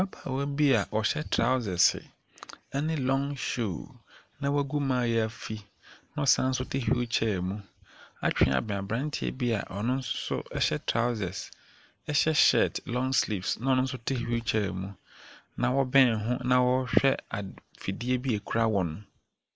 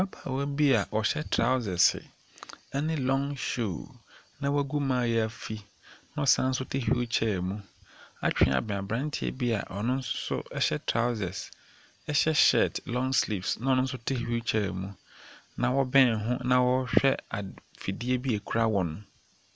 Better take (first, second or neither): second